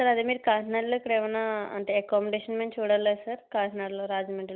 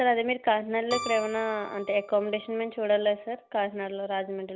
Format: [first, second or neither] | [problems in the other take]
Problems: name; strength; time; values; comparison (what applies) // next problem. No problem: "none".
first | background sound (Keyboard (musical)); 15 dB below the speech